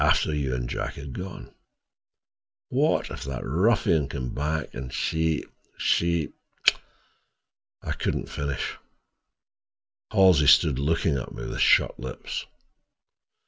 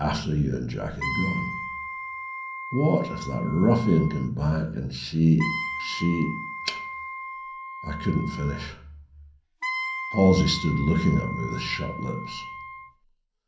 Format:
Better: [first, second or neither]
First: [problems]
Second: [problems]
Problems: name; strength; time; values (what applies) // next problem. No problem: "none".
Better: first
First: none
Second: background sound (Wind instrument, woodwind instrument); 9 dB below the speech // room echo; dies away in 0.6 s